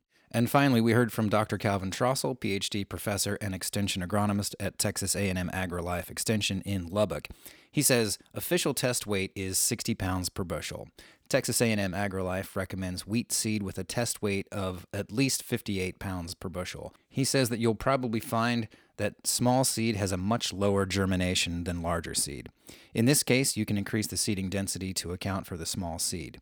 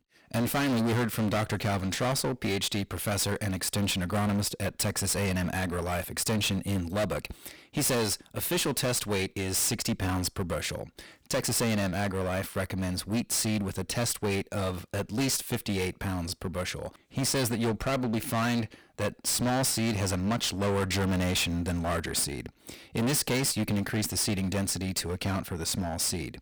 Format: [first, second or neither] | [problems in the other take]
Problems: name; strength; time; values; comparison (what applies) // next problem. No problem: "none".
first | distortion; heavy; 20% of the sound clipped